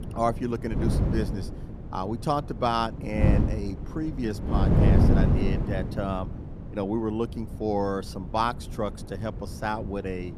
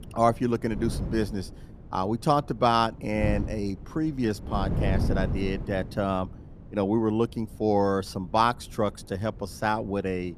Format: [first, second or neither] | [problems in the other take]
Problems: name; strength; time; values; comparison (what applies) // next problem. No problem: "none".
second | wind noise on the microphone; heavy; 4 dB below the speech; occasional gusts in the second